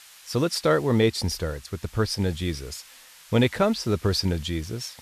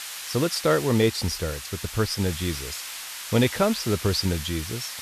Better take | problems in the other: first | hiss; loud; throughout; 8 dB below the speech; faint in the first

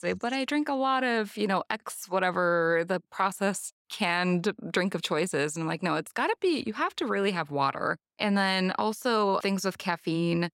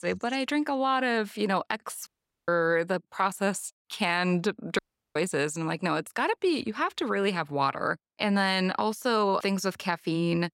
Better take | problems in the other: first | audio cutting out; at 2 s and at 5 s

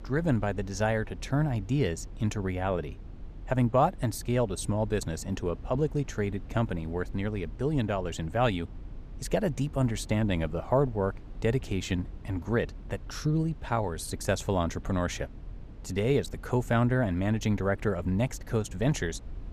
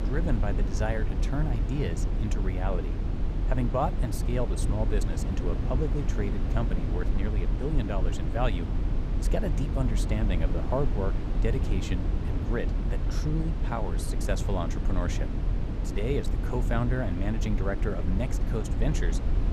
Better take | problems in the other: first | low rumble; loud; throughout; 6 dB below the speech; faint in the first

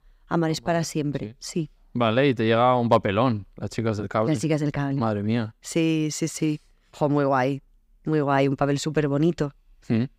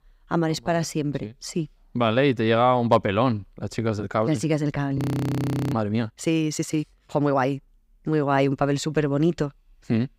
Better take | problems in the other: first | audio freezing; at 5 s for 0.5 s

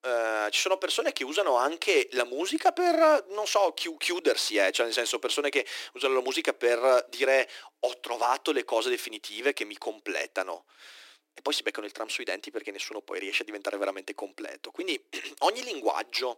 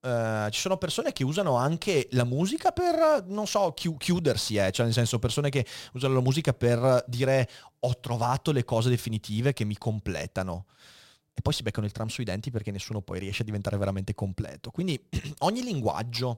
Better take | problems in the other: second | thin; very; fading below 300 Hz

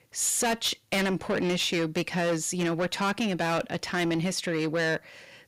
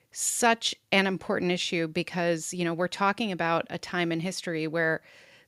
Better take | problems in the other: second | distortion; heavy; 6 dB below the speech

